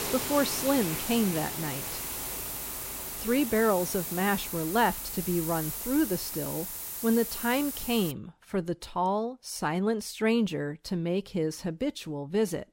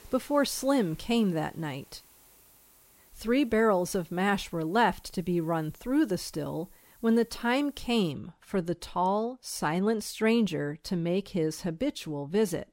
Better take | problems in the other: second | hiss; loud; until 8 s; 4 dB below the speech; faint in the second

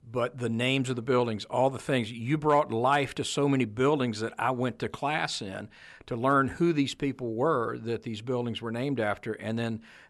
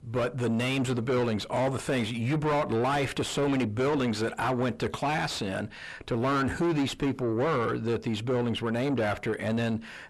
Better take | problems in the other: first | distortion; heavy; 6 dB below the speech

